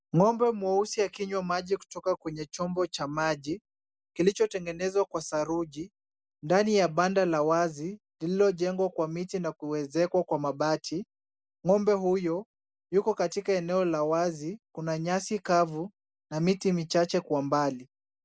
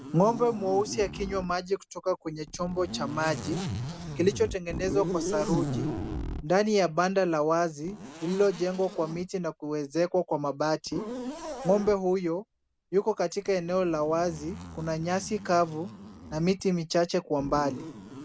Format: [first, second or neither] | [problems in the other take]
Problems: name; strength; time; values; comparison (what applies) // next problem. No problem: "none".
first | background sound (Zipper (clothing)); 10 dB below the speech